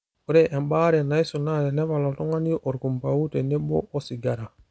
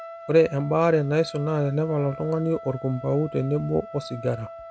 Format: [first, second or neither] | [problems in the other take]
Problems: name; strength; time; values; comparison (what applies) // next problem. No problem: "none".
first | background sound (Trumpet); 16 dB below the speech